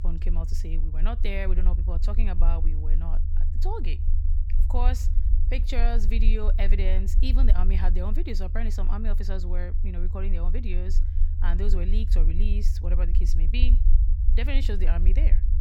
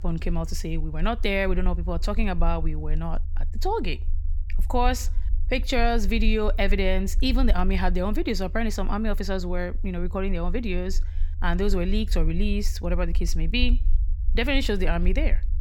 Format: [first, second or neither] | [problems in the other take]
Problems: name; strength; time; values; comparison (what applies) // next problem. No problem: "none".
second | low rumble; loud; throughout; 10 dB below the speech; faint in the second